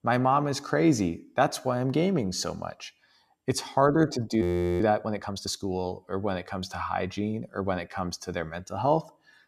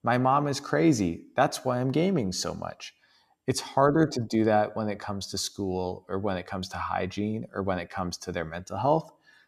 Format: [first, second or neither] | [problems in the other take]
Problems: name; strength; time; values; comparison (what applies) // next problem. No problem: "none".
second | audio freezing; at 4.5 s